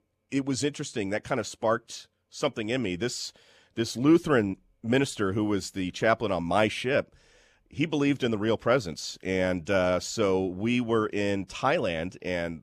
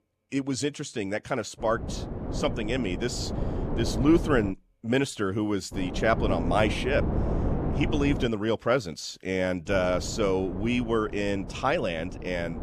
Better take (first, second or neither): first